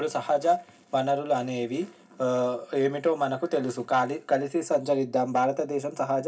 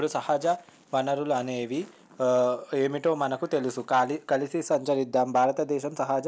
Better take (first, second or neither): second